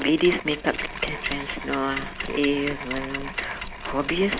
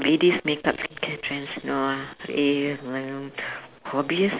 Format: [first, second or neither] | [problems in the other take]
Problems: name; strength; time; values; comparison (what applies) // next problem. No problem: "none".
second | background sound (Mechanisms); 7 dB below the speech